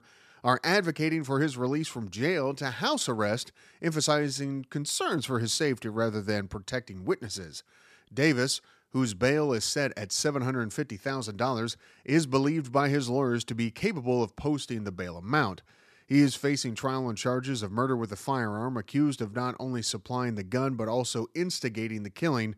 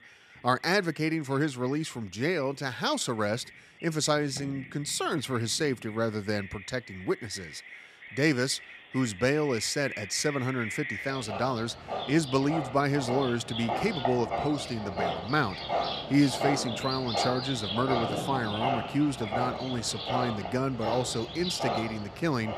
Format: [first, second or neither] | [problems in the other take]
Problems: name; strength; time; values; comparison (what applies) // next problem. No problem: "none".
first | animal sounds; loud; throughout; 5 dB below the speech